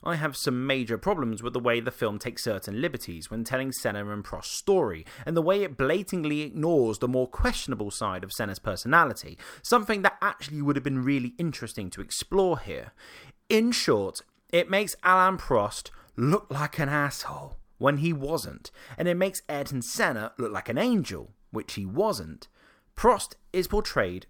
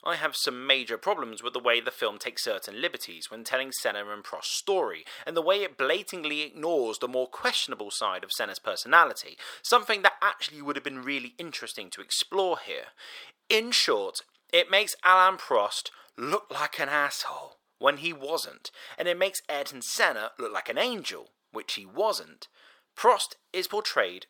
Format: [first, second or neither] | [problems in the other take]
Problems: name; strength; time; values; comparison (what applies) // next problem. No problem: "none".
first | thin; very; fading below 550 Hz